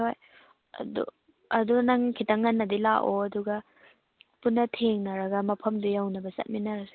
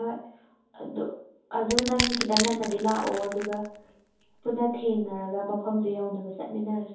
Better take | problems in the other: first | background sound (Crushing); 4 dB below the speech // room echo; dies away in 0.6 s

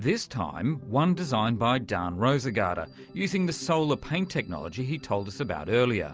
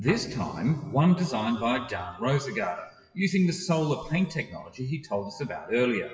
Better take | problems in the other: first | noise reduction (classical method WPE with log-MMSE)

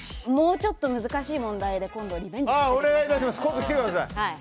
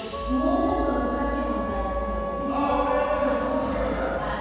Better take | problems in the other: first | background sound (Wind instrument, woodwind instrument); 6 dB below the speech // room echo; dies away in 2.1 s

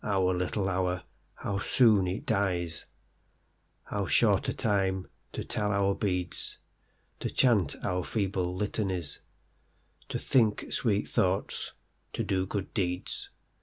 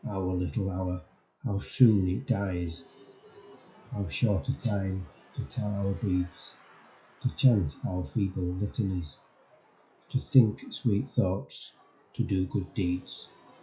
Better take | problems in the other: first | noise reduction (classical method WPE with log-MMSE)

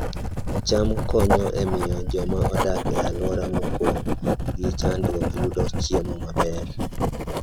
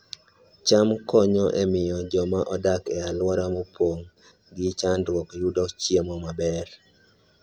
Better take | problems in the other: second | background sound (Writing); 3 dB above the speech

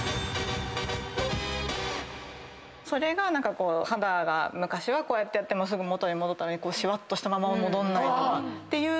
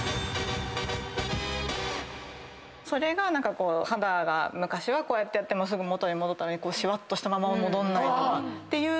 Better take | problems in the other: second | background sound (Bowed string instrument); 13 dB below the speech

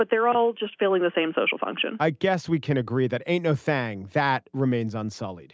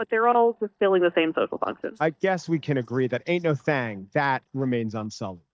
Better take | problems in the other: first | noise reduction (neural mask model DeepFilterNet 3)

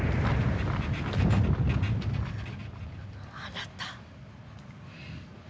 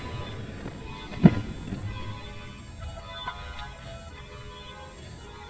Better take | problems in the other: first | noise reduction (neural mask model DeepFilterNet 3)

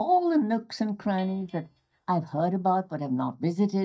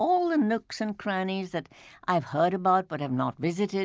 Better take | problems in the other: second | noise reduction (neural mask model DeepFilterNet 3)

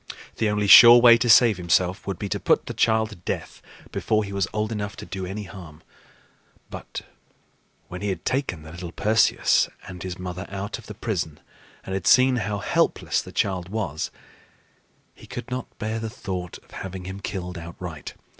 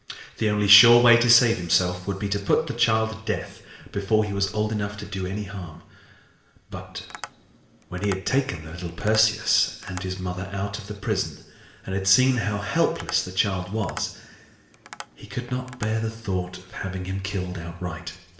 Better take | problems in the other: first | background sound (Tap); 18 dB below the speech // room echo; dies away in 1.2 s

